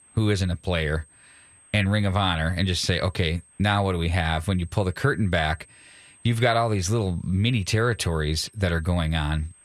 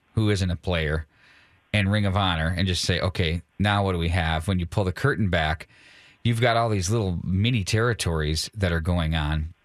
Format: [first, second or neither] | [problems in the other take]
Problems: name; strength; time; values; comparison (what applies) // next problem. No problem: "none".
second | high-pitched whine; faint; throughout; 8.5 kHz, 30 dB below the speech